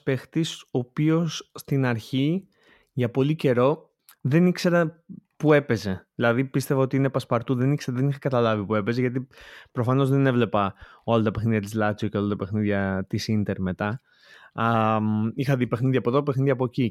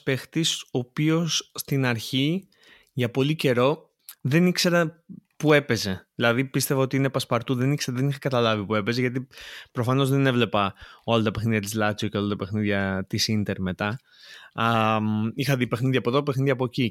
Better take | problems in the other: second | muffled; slightly; fading above 2 kHz

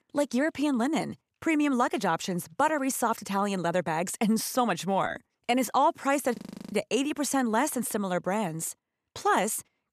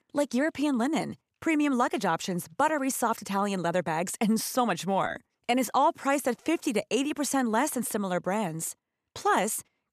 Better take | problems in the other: second | audio freezing; at 6.5 s

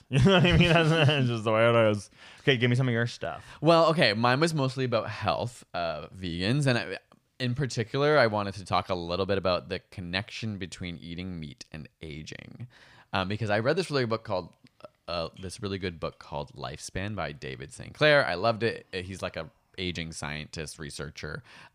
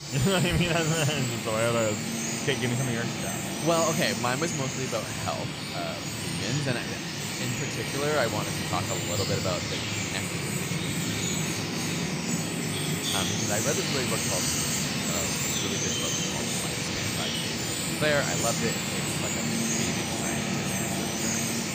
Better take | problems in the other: first | animal sounds; very loud; throughout; 3 dB above the speech

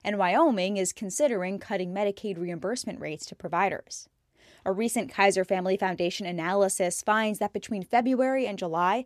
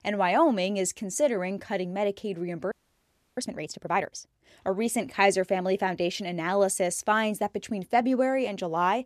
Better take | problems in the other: first | audio freezing; at 2.5 s for 0.5 s

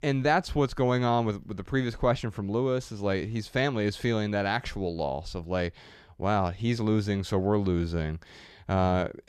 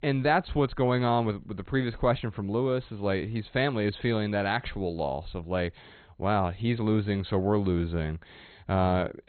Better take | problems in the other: first | garbled, watery; badly; nothing above 4 kHz

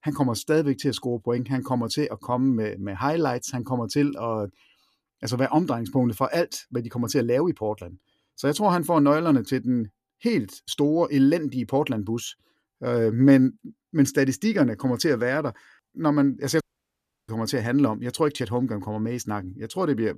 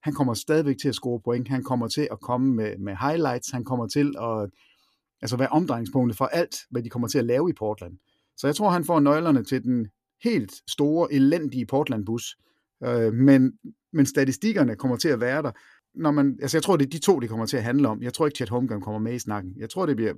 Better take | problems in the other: second | audio cutting out; at 17 s for 0.5 s

